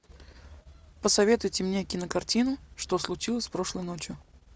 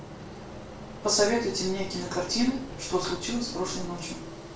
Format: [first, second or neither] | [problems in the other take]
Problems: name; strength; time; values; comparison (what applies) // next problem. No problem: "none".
first | background sound (Engine); 11 dB below the speech // room echo; dies away in 0.3 s